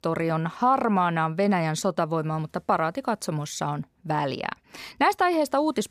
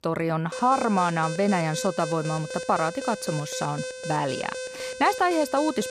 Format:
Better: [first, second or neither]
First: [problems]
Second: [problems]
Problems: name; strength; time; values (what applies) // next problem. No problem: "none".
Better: first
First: none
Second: alarm; noticeable; from 0.5 s on; peak 8 dB below the speech